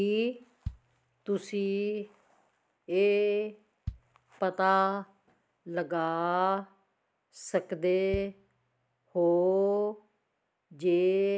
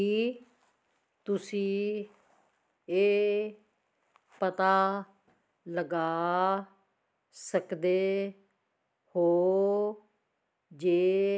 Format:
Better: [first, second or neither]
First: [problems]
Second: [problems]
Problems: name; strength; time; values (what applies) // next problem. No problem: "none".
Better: second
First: background sound (Bass drum); 18 dB below the speech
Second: none